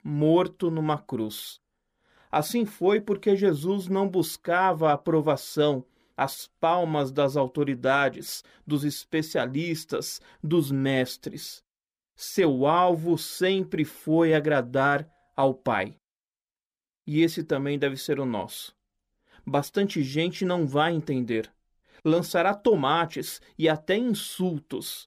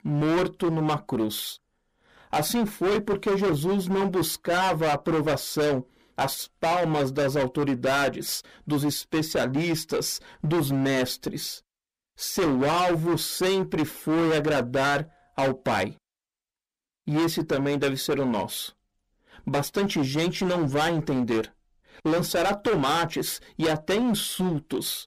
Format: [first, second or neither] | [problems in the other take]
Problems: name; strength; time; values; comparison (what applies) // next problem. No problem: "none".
first | distortion; heavy; 20% of the sound clipped